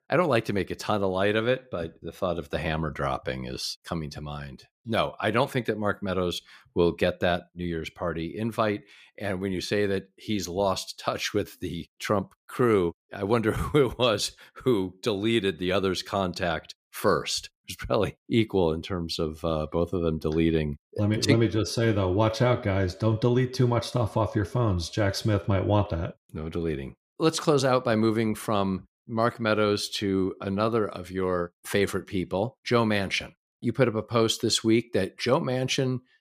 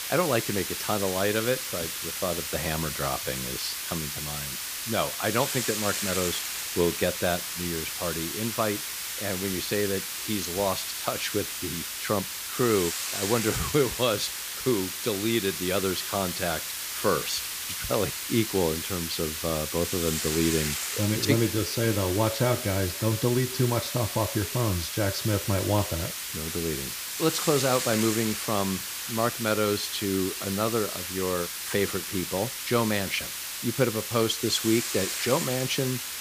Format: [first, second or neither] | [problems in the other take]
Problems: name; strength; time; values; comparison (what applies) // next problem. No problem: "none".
first | hiss; loud; throughout; 2 dB below the speech